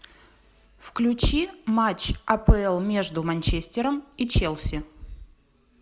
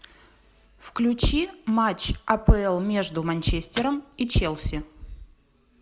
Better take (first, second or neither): first